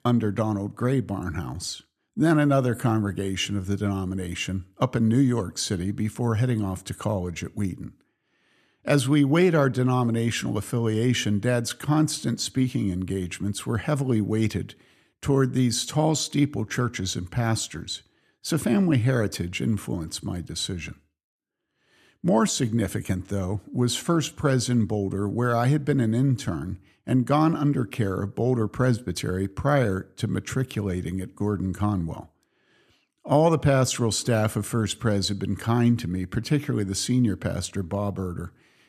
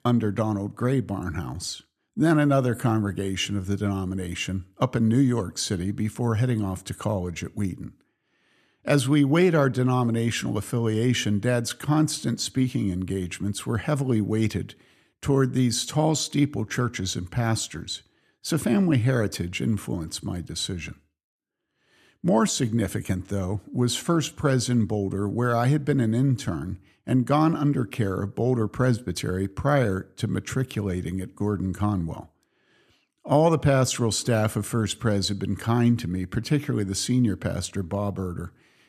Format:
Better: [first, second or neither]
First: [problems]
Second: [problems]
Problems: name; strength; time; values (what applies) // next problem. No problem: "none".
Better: neither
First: none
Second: none